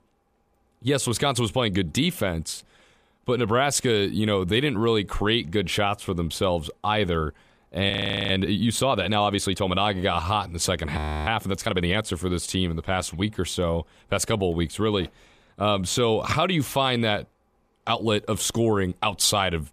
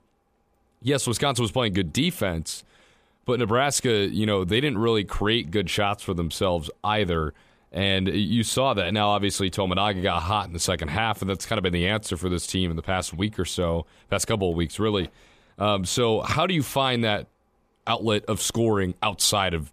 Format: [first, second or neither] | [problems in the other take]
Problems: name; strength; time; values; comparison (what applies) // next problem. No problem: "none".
second | audio freezing; at 8 s and at 11 s